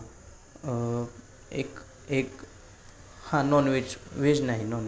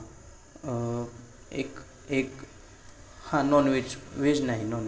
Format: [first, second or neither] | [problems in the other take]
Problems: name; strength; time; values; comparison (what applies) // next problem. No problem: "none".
first | room echo; dies away in 1.1 s